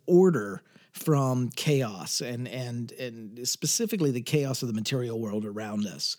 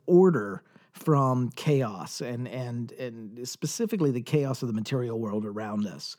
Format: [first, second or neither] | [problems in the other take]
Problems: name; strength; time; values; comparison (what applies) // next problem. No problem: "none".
first | muffled; slightly; fading above 2.5 kHz